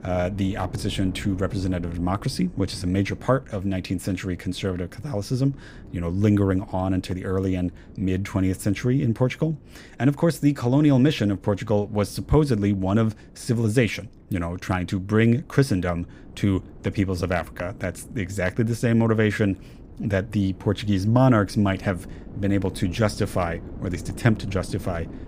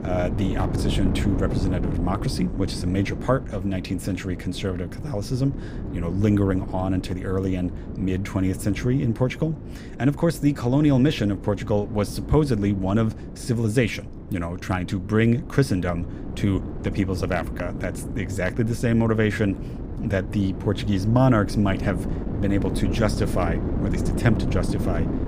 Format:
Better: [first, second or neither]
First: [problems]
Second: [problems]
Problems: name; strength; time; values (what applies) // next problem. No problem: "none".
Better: first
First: wind noise on the microphone; occasional gusts; 20 dB below the speech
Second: wind noise on the microphone; heavy; 10 dB below the speech